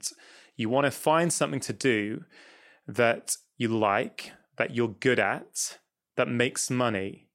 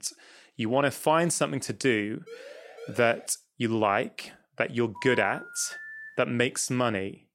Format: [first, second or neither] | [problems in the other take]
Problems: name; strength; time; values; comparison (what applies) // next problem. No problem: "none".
first | siren; faint; from 2.5 to 3.5 s; peak 15 dB below the speech // phone ringing; faint; from 5 to 6 s; peak 10 dB below the speech